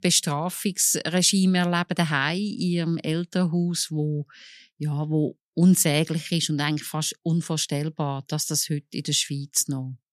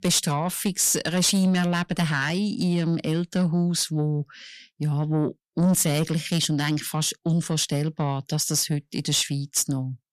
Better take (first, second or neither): first